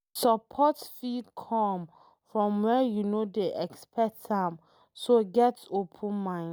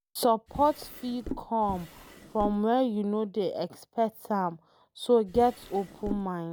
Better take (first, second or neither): first